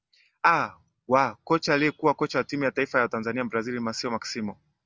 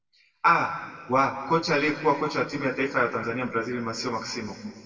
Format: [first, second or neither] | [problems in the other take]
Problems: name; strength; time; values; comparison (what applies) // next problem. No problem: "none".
first | room echo; dies away in 2.2 s